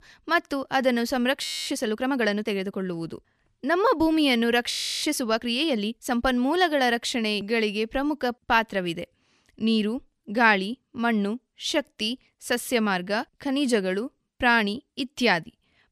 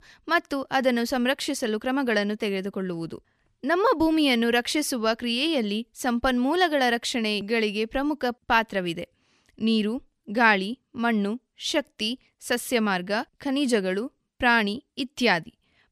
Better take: second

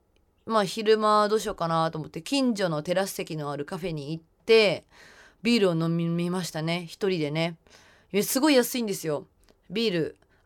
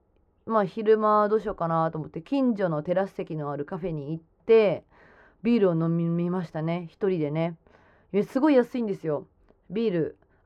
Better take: first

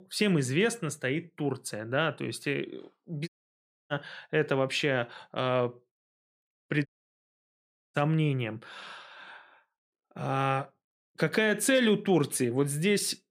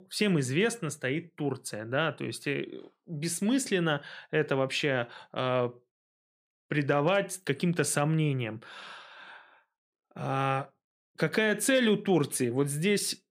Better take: second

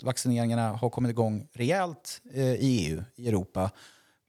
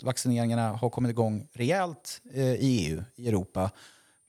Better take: first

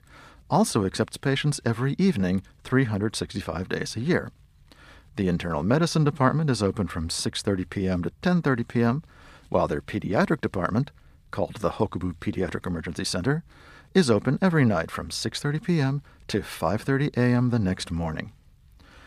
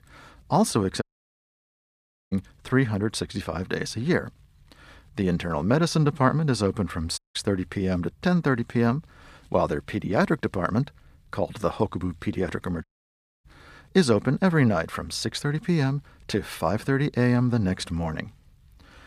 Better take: first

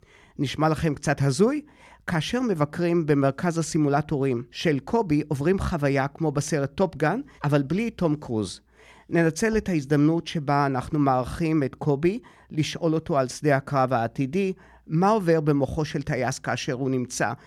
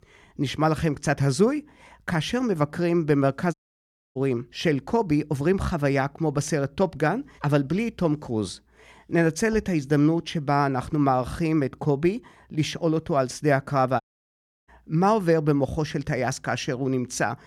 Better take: first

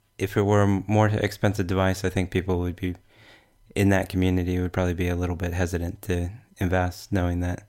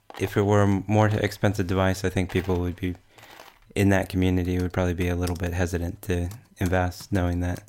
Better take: first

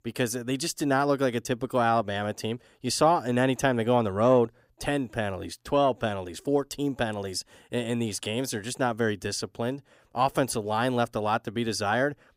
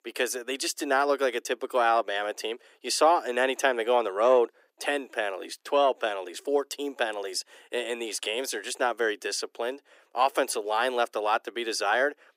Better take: first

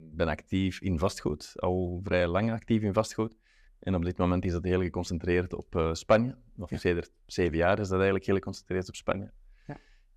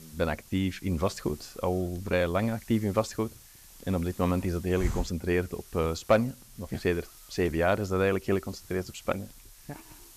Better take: first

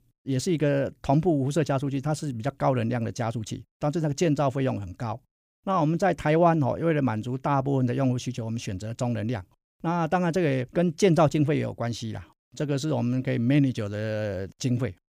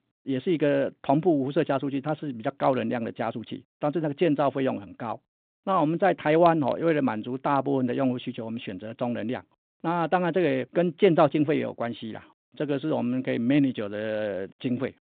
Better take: first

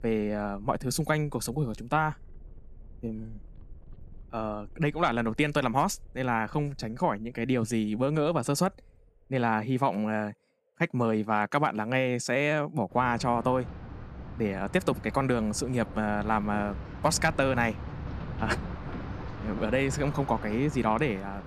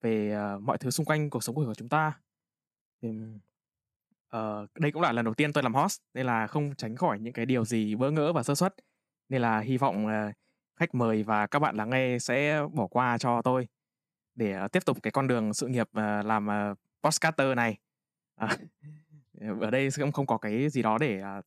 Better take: second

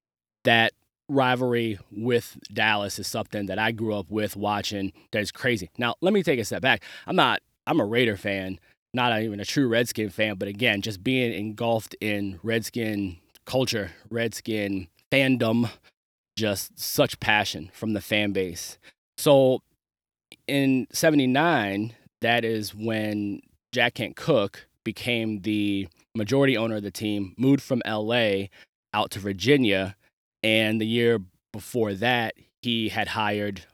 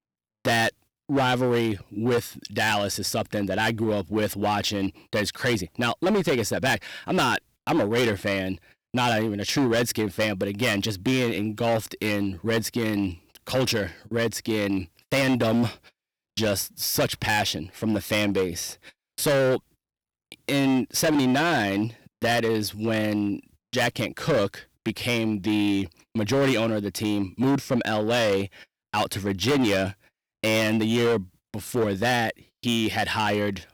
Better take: first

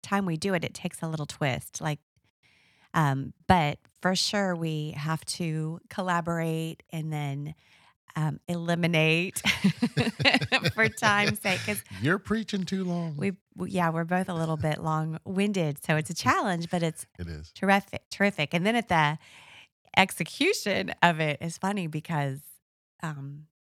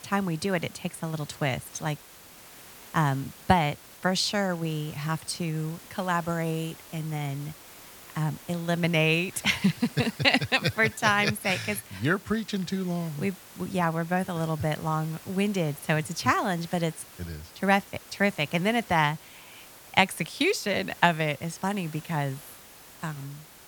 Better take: first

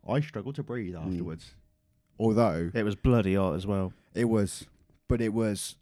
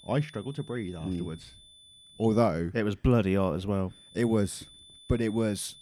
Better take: first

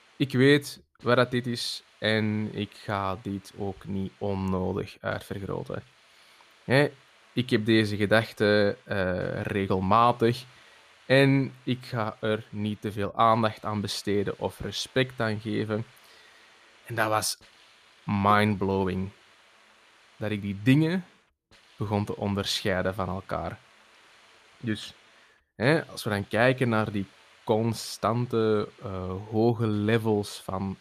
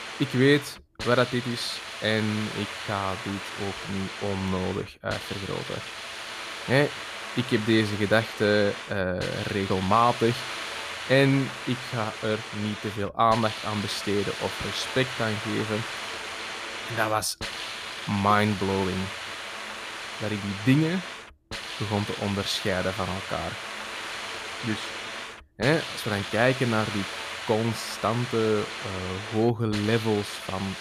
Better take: first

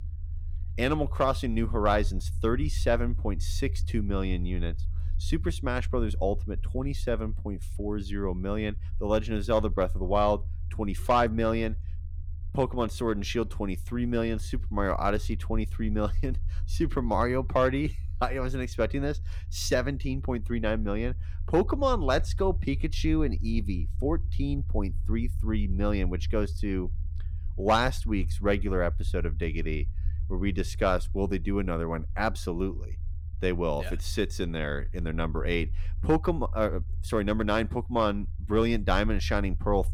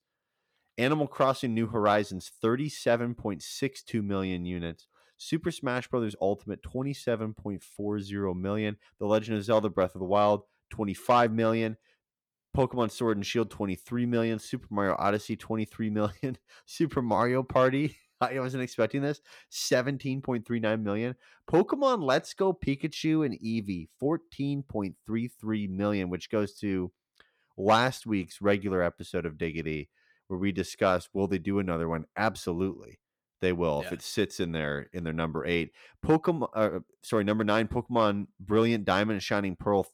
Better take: second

